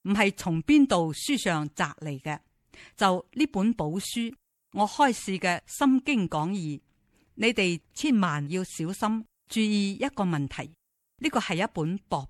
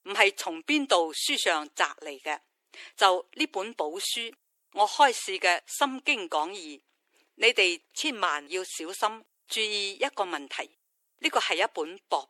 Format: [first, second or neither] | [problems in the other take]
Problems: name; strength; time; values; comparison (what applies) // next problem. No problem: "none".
first | thin; very; fading below 350 Hz